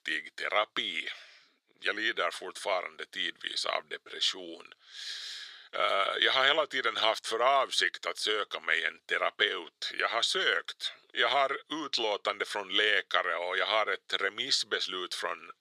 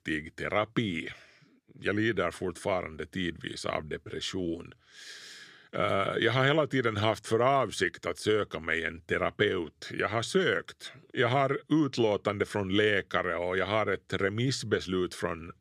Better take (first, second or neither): second